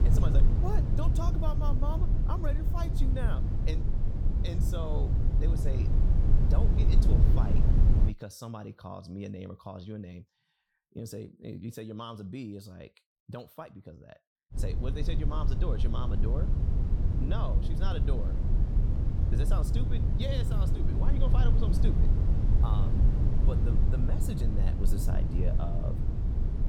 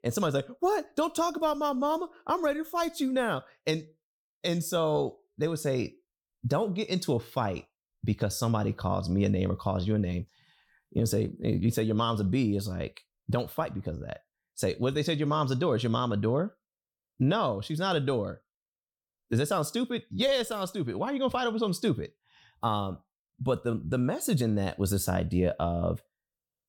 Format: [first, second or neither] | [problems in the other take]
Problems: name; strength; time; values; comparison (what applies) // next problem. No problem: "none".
second | low rumble; loud; until 8 s and from 15 s on; 1 dB below the speech